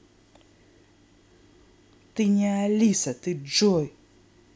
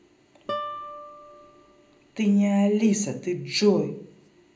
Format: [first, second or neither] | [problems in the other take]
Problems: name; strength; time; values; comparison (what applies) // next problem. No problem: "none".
first | background sound (Guitar); 13 dB below the speech // room echo; dies away in 0.5 s